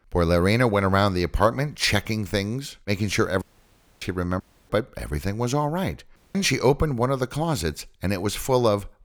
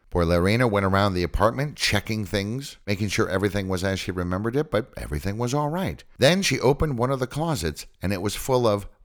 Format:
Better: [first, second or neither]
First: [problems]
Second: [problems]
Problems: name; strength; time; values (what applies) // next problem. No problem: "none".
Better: second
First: audio cutting out; at 3.5 s for 0.5 s, at 4.5 s and at 6 s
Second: none